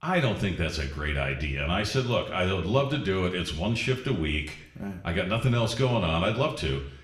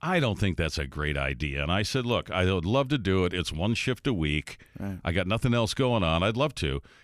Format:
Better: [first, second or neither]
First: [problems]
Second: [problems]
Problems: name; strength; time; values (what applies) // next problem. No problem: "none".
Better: second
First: room echo; slight; dies away in 0.6 s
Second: none